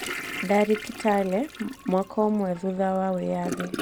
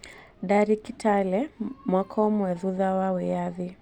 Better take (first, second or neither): second